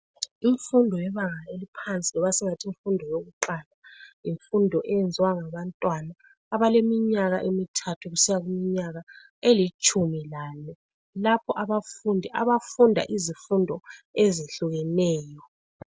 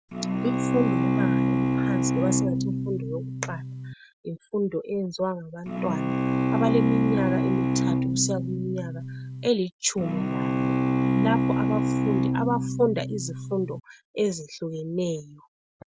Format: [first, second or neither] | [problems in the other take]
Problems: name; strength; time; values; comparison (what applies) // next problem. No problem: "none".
first | background sound (Bowed string instrument); 5 dB above the speech